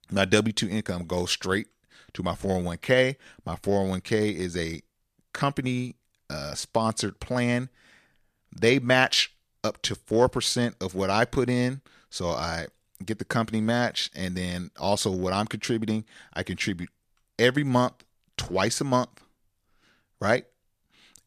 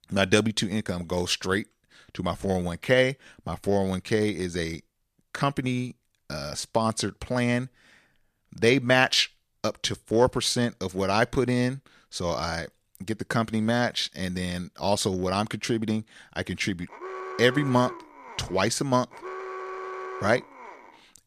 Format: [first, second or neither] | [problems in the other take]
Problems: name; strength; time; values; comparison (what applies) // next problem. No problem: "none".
first | alarm; noticeable; from 17 s on; peak 9 dB below the speech